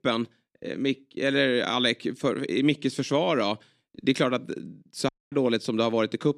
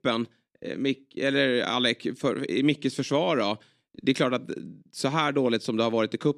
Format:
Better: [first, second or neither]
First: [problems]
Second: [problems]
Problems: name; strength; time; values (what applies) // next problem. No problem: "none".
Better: second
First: audio cutting out; at 5 s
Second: none